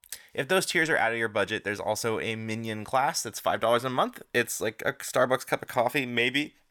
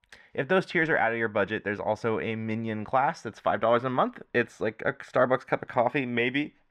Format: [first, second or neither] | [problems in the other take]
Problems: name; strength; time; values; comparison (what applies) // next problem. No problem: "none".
first | muffled; very; fading above 2 kHz